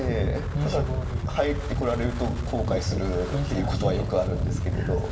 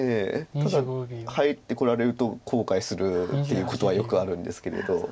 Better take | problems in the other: second | background sound (Wind); as loud as the speech // room echo; dies away in 1.1 s

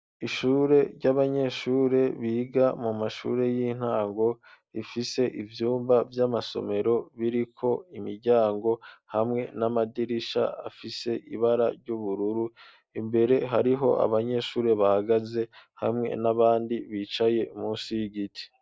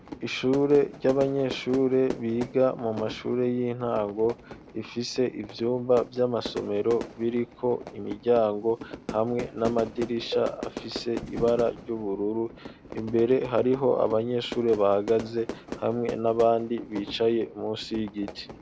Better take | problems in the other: first | background sound (Cowbell + Fire / Fireworks); 13 dB below the speech

